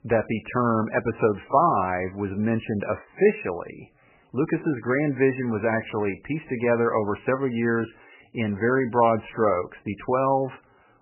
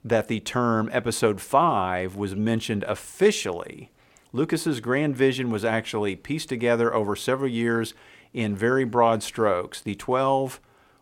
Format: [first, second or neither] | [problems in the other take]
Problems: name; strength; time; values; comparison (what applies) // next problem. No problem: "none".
second | garbled, watery; badly; nothing above 3 kHz